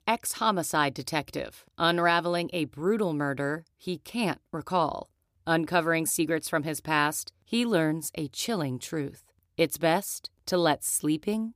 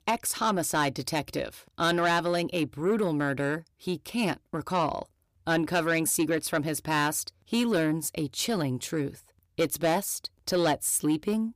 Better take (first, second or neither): first